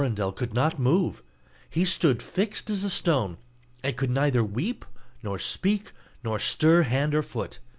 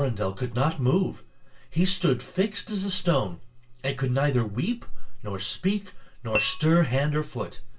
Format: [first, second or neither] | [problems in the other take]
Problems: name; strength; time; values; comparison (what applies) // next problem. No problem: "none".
first | background sound (Tap / Glass); 10 dB below the speech // room echo; dies away in 0.2 s